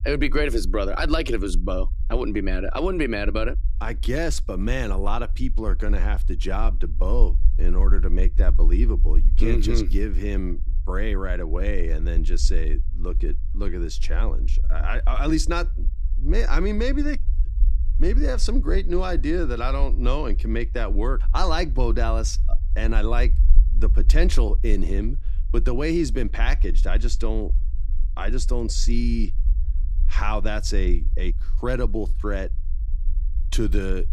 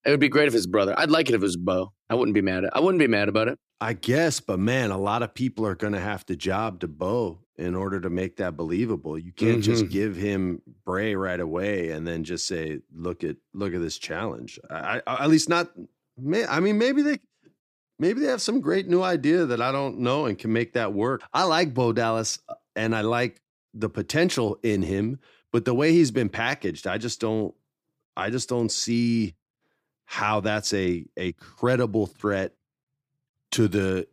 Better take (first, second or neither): second